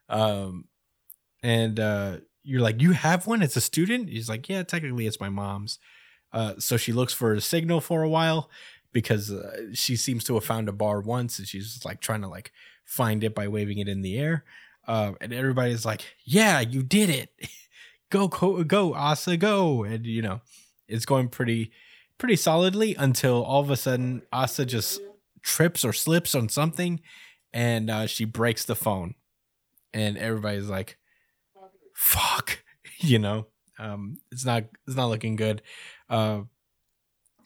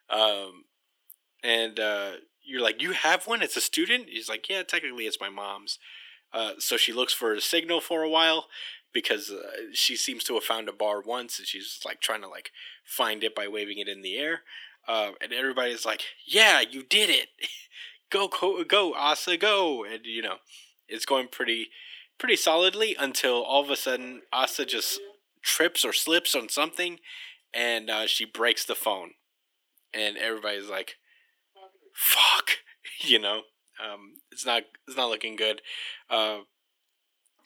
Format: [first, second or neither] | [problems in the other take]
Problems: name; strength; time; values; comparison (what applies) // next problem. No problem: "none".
first | thin; very; fading below 300 Hz